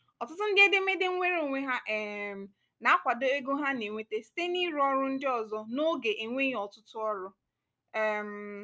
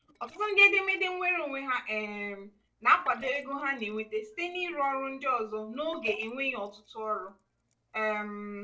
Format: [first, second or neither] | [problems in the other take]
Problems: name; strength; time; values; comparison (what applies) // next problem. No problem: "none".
first | noise reduction (neural separator model SepFormer DNS4)